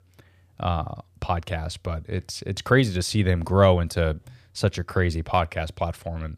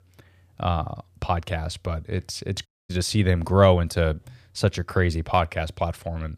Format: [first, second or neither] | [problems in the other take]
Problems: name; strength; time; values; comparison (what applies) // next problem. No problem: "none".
first | audio cutting out; at 2.5 s